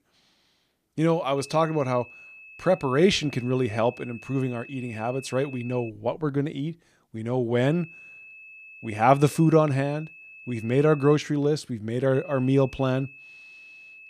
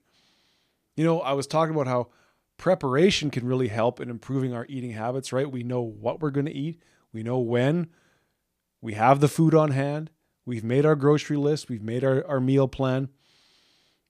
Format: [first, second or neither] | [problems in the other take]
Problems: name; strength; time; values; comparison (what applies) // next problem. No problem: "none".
second | high-pitched whine; noticeable; from 1.5 to 6 s, from 7.5 to 11 s and from 12 s on; 2.5 kHz, 20 dB below the speech